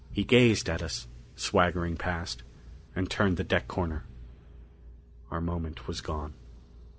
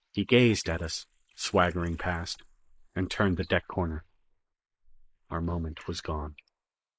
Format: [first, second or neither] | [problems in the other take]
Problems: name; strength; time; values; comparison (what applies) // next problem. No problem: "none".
first | noise reduction (neural mask model Resemble Enhance denoiser)